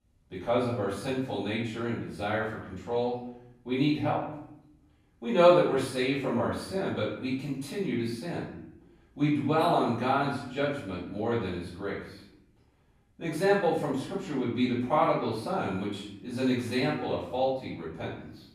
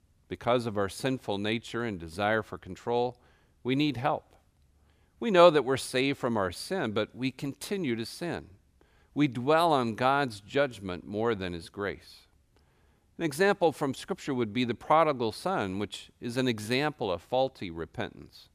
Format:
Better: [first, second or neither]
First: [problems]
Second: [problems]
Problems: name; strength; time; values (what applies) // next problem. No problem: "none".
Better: second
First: off-mic speech; far // room echo; noticeable; dies away in 0.7 s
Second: none